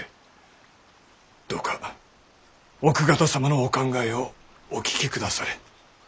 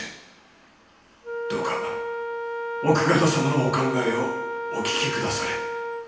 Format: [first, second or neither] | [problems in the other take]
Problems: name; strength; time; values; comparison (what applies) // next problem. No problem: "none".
first | background sound (Wind instrument, woodwind instrument); 4 dB below the speech // room echo; dies away in 0.9 s